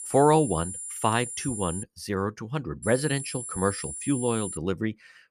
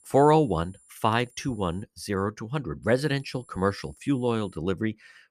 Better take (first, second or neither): second